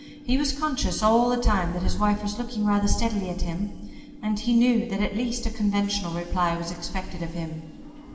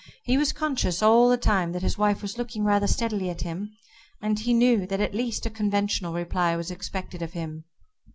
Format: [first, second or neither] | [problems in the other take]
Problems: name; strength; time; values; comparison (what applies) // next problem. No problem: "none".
second | background sound (Subway, metro, underground / Train); 20 dB below the speech // room echo; dies away in 2.2 s